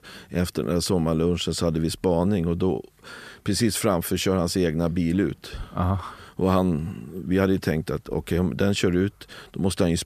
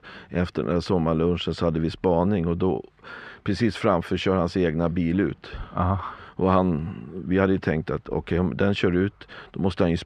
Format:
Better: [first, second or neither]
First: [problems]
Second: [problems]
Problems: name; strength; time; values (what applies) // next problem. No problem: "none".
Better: first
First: none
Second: muffled; slightly; fading above 2.5 kHz